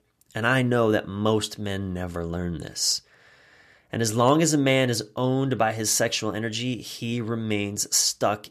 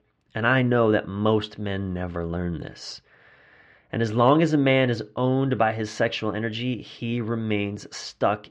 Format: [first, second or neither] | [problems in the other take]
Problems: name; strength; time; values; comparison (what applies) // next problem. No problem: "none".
first | muffled; very; fading above 3 kHz